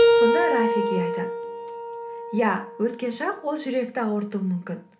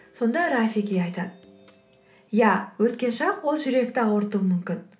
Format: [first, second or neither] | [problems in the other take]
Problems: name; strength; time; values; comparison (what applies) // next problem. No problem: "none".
second | background sound (Keyboard (musical)); 2 dB above the speech